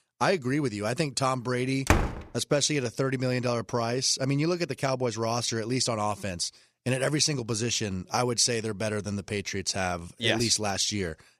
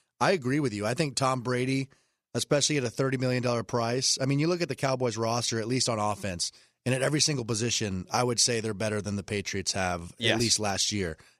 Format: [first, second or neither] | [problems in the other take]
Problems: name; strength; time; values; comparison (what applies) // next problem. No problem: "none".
second | door banging; loud; at 2 s; peak 2 dB above the speech